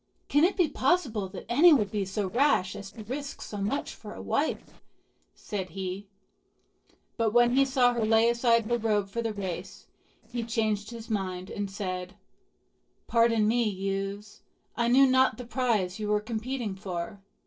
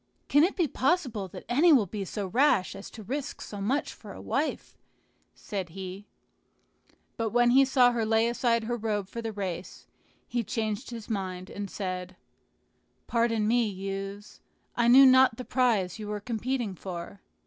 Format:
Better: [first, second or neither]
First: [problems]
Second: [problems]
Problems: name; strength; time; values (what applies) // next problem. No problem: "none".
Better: second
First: noise reduction (neural separator model SepFormer DNS4)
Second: none